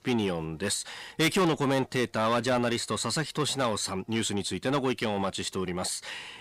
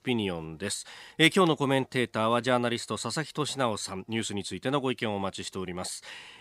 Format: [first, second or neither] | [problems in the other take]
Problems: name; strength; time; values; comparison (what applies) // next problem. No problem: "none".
second | distortion; heavy; 7 dB below the speech